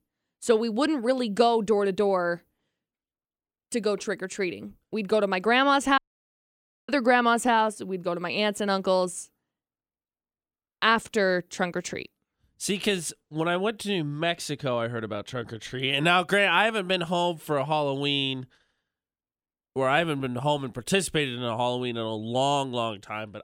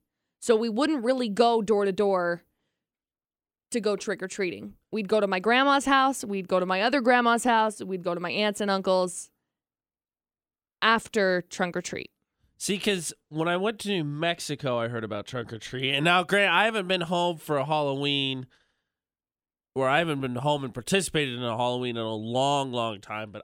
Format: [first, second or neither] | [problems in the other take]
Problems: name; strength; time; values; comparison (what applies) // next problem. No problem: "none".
second | audio cutting out; at 6 s for 1 s